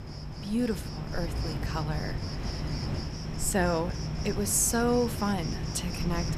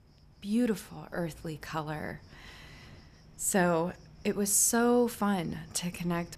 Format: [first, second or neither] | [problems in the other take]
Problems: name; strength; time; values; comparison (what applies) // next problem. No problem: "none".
second | animal sounds; loud; throughout; 5 dB below the speech; faint in the second